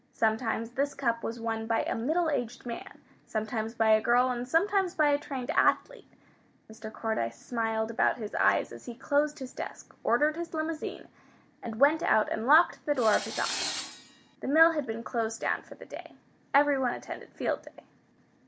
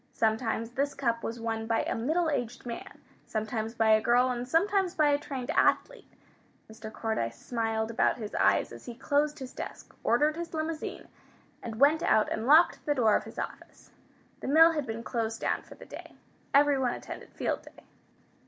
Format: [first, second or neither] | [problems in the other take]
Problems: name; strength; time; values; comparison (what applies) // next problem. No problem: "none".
second | background sound (Tools); 8 dB below the speech